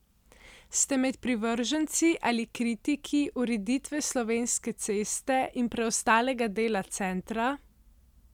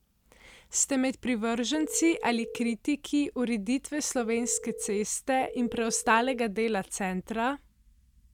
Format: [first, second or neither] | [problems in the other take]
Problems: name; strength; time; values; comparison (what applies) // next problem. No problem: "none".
first | noise reduction (neural mask model DeepFilterNet 3)